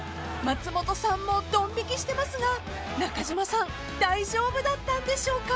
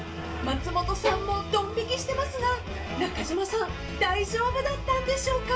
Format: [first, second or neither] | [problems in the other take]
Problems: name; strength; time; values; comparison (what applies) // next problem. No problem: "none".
first | background sound (Bowed string instrument); 9 dB below the speech // room echo; dies away in 0.3 s